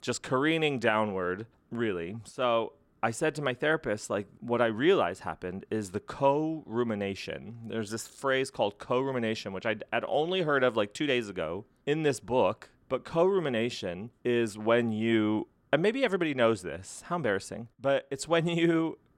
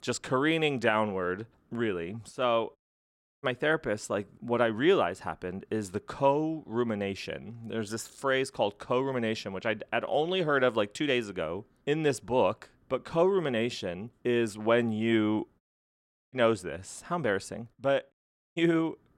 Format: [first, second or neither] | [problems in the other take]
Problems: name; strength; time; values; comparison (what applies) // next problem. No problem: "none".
first | audio cutting out; at 3 s for 0.5 s, at 16 s for 0.5 s and at 18 s